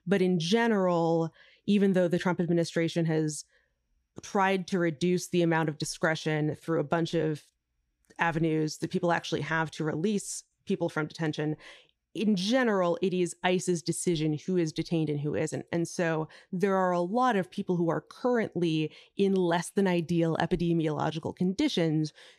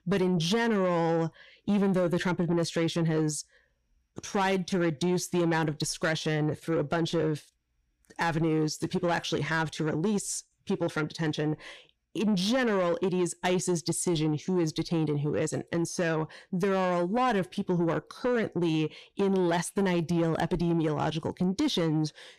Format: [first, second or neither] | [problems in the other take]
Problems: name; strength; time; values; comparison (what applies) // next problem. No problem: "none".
first | distortion; slight; 10 dB below the speech